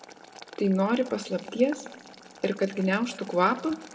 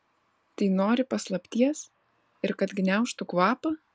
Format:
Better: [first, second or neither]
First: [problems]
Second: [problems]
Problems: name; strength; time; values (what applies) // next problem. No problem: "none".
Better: second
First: background sound (Boiling); 19 dB below the speech // room echo; dies away in 2.1 s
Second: none